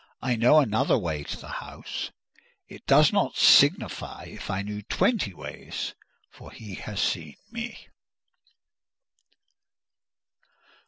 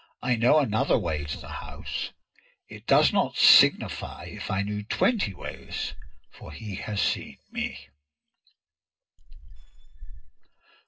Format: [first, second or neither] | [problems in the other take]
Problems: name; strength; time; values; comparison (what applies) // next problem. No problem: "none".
first | noise reduction (neural separator model SepFormer DNS4)